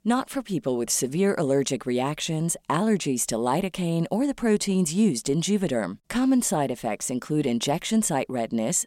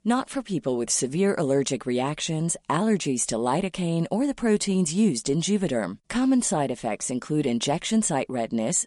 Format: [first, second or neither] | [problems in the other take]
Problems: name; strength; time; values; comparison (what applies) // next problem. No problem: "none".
first | garbled, watery; slightly; nothing above 10.5 kHz